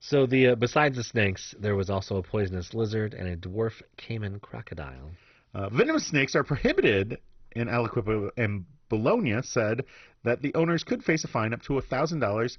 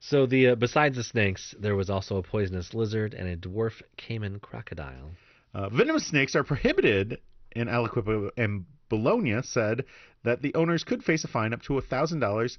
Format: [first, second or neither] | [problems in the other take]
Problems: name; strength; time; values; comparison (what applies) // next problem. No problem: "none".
second | garbled, watery; badly; nothing above 6 kHz; slightly in the second